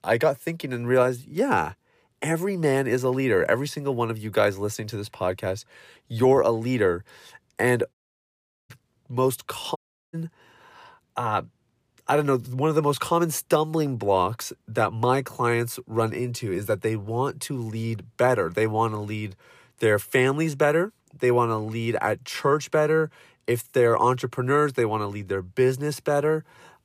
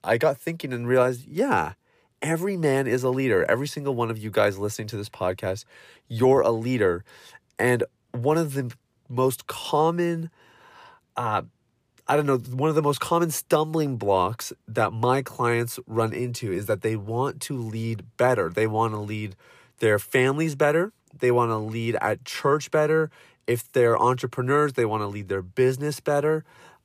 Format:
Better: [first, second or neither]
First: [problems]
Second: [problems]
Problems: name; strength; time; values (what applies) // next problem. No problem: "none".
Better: second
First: audio cutting out; at 8 s for 0.5 s and at 10 s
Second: none